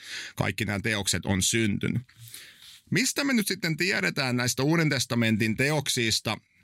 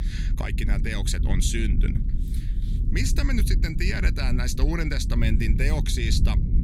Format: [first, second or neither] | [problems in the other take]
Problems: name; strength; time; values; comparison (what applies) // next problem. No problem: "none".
first | low rumble; loud; throughout; 10 dB below the speech